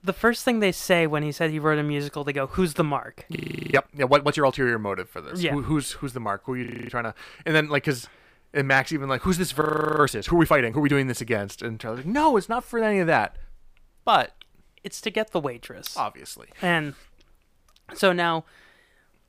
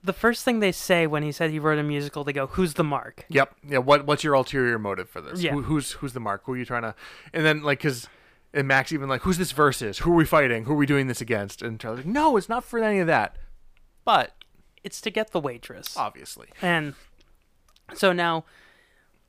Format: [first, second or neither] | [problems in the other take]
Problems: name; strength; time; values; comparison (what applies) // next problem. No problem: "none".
second | audio freezing; at 3.5 s, at 6.5 s and at 9.5 s